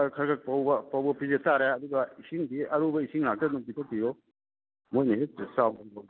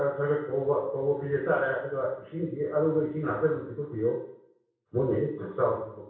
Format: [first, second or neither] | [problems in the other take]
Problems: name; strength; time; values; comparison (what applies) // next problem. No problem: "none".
first | room echo; dies away in 0.6 s